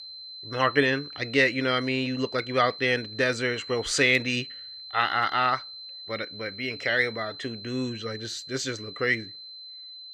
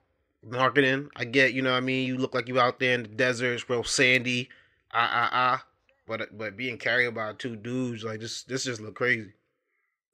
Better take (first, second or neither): second